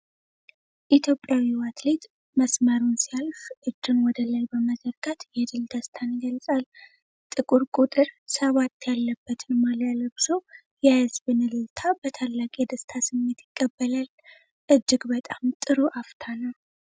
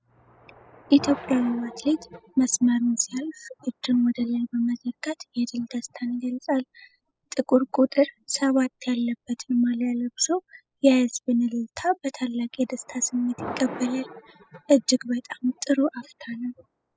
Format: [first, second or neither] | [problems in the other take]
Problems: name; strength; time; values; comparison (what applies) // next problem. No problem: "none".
first | noise reduction (classical method spectral subtraction)